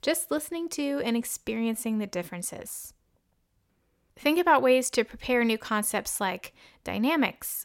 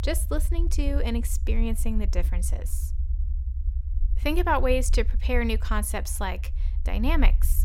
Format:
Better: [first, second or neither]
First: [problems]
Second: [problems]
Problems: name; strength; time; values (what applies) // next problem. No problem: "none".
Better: first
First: none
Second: low rumble; noticeable; throughout; 20 dB below the speech